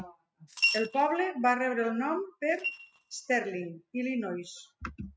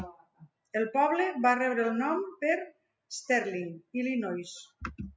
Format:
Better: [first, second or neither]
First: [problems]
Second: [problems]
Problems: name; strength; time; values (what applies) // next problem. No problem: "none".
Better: second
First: noise reduction (neural mask model RNNoise)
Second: none